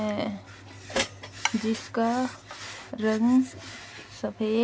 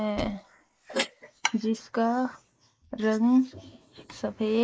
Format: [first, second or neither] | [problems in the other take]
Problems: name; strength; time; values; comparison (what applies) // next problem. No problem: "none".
first | noise reduction (neural mask model Resemble Enhance denoiser)